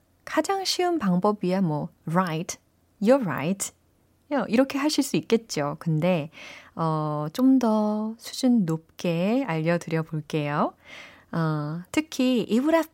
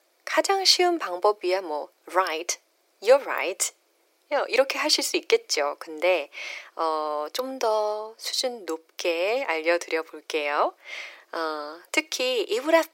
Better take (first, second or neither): first